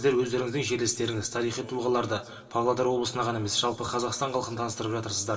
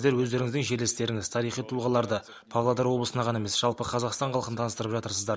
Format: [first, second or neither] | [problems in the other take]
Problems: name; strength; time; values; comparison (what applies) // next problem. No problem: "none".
second | room echo; dies away in 2.9 s